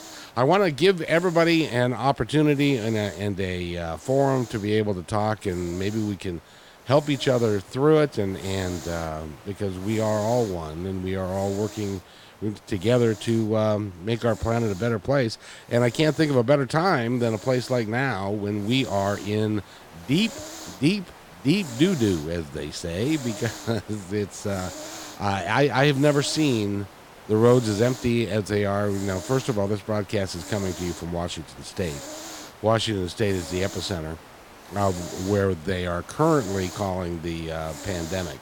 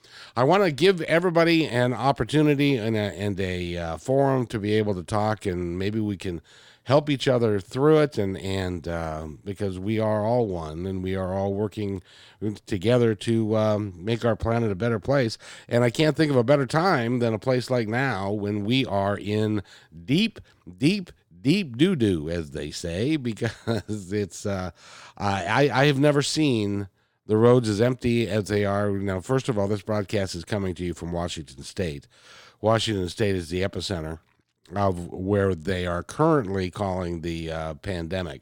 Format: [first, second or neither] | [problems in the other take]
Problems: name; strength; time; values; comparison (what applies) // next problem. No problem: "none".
second | hiss; noticeable; throughout; 15 dB below the speech